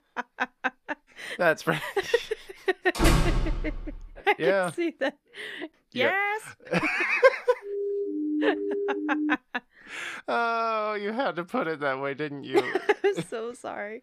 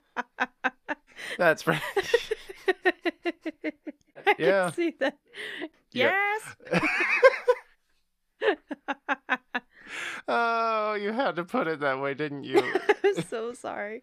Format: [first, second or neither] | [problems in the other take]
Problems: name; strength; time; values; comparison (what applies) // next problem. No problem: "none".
second | door banging; loud; at 3 s; peak 4 dB above the speech // siren; noticeable; from 7.5 to 9.5 s; peak 1 dB below the speech